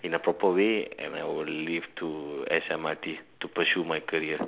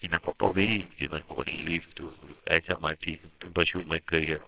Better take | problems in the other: first | noise reduction (neural separator model SepFormer WHAMR!)

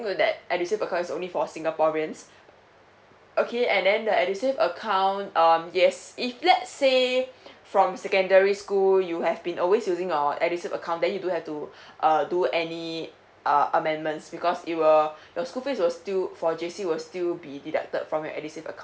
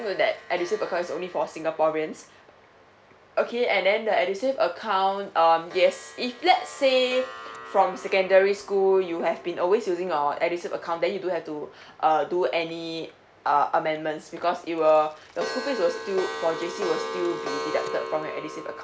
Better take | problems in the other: first | background sound (Clock); 14 dB below the speech

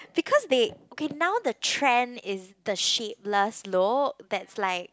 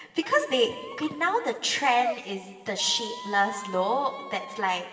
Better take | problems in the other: first | background sound (Squeak); 13 dB below the speech // room echo; dies away in 2.4 s

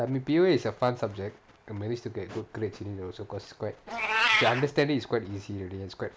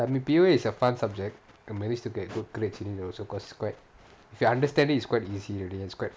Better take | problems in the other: second | background sound (Meow); 5 dB below the speech

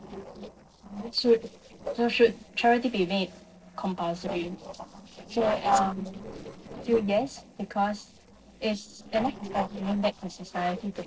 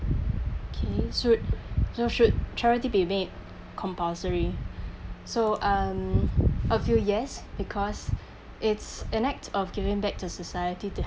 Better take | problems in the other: second | noise reduction (neural separator model SepFormer DNS4)

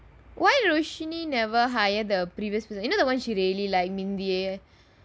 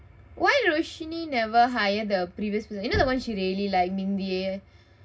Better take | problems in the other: first | background sound (Knock); 17 dB below the speech // room echo; dies away in 0.2 s

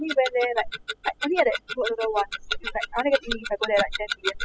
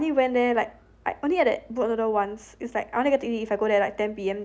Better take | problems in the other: second | noise reduction (classical method spectral subtraction)

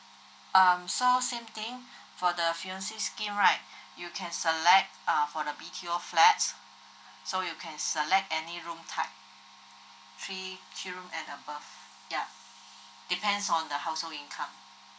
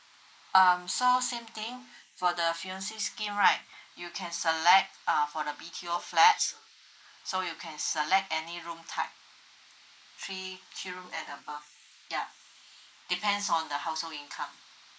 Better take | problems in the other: first | noise reduction (neural mask model Resemble Enhance denoiser)

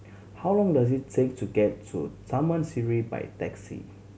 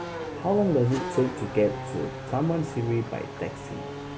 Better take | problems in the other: first | background sound (Race car, auto racing / Accelerating, revving, vroom); 8 dB below the speech

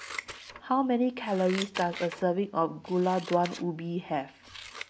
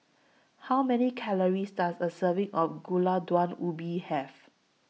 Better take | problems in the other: second | background sound (Scissors); 14 dB below the speech

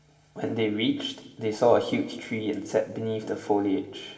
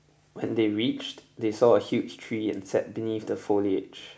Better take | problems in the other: second | room echo; dies away in 1.5 s

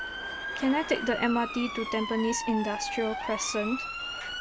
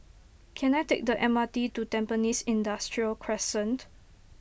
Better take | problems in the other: second | background sound (Motor vehicle (road) / Siren); 5 dB below the speech

